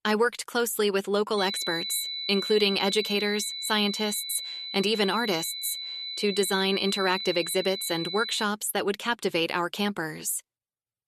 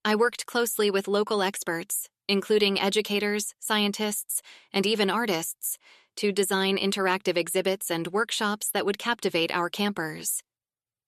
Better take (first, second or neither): second